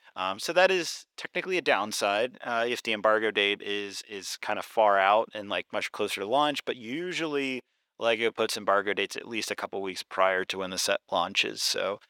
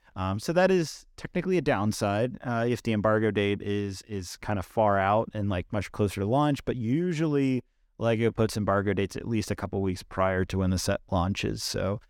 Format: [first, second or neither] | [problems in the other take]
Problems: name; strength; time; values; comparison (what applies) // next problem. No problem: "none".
second | thin; somewhat; fading below 500 Hz